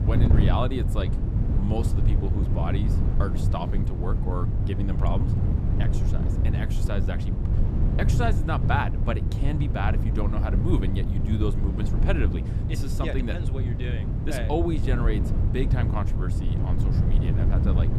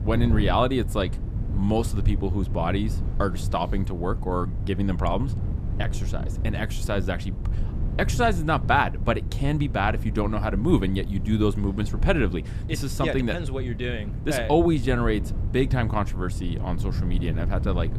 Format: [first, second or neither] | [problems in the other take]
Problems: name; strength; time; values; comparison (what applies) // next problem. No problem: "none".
second | wind noise on the microphone; heavy; 4 dB below the speech; occasional gusts in the second